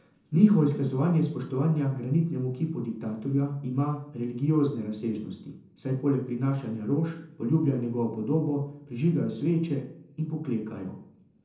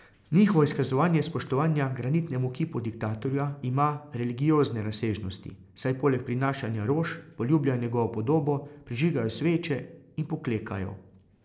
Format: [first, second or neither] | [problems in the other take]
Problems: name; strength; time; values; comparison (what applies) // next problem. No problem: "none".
second | room echo; dies away in 0.7 s